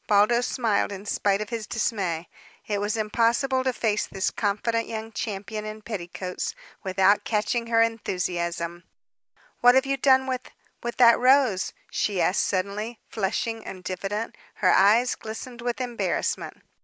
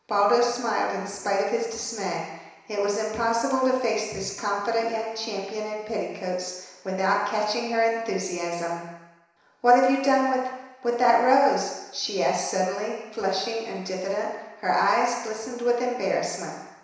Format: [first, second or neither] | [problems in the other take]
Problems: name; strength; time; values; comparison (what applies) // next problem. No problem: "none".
first | room echo; dies away in 1 s